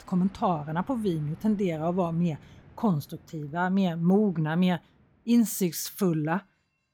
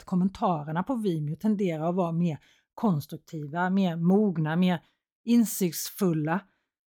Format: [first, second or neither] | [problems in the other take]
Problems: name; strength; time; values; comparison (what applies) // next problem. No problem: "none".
second | train or aircraft noise; faint; throughout; 25 dB below the speech